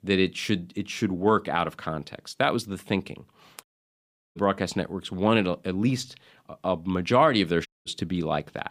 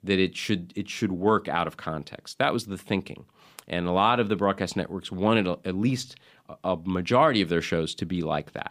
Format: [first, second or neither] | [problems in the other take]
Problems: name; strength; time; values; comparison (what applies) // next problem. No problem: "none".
second | audio cutting out; at 3.5 s for 0.5 s and at 7.5 s